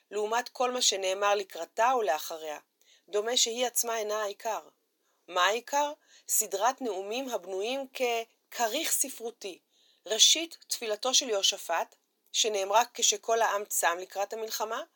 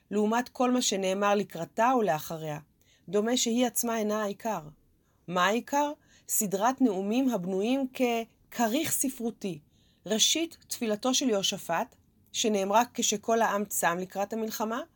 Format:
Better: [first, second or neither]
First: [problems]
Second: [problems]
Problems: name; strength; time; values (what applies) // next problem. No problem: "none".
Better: second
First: thin; very; fading below 400 Hz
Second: none